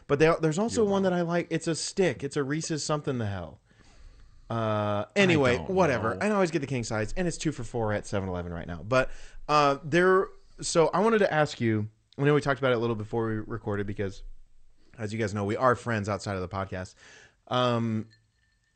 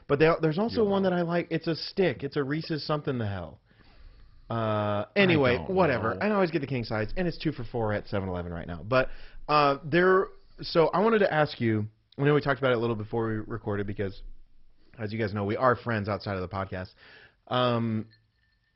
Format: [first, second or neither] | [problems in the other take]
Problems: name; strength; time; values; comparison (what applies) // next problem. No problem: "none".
first | garbled, watery; badly; nothing above 5.5 kHz; slightly in the first